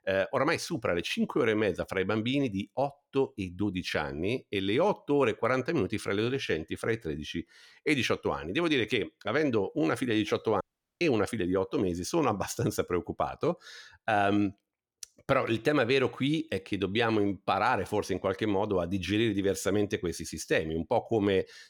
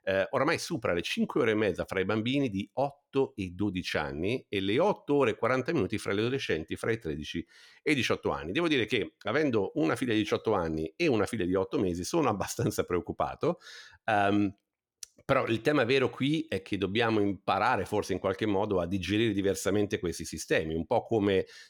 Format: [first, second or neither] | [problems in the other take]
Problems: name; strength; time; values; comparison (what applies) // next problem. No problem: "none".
second | audio cutting out; at 11 s